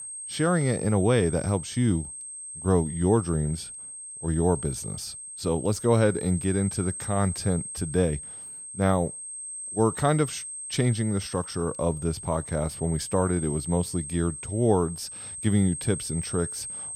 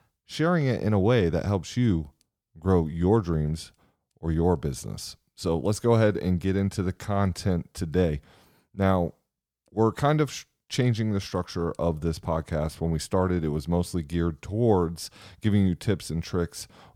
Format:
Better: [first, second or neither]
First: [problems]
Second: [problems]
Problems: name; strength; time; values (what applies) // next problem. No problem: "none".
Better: second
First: high-pitched whine; loud; throughout; 8.5 kHz, 8 dB below the speech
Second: none